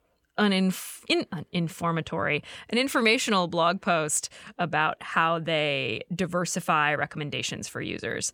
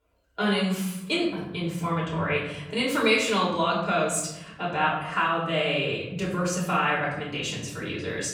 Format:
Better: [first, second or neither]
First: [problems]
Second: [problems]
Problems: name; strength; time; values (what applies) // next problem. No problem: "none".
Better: first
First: none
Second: off-mic speech; far // room echo; noticeable; dies away in 1 s